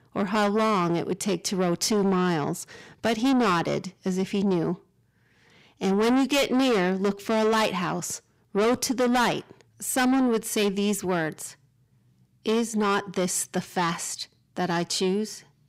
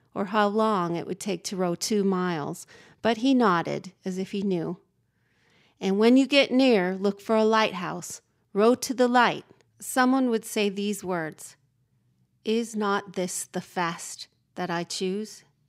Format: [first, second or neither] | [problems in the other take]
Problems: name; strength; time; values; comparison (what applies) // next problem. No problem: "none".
second | distortion; heavy; 6 dB below the speech